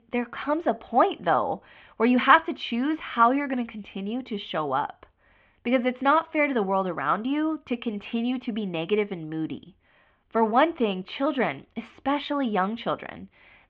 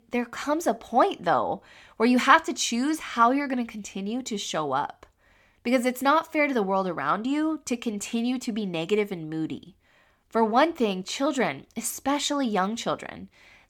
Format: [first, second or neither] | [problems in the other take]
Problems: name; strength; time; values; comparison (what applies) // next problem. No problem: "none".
second | muffled; very; fading above 3 kHz